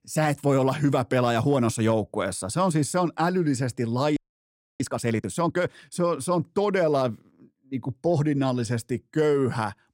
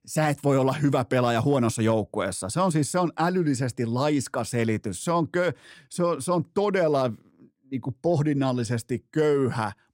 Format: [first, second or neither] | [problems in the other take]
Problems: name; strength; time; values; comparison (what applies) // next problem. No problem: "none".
second | audio freezing; at 4 s for 0.5 s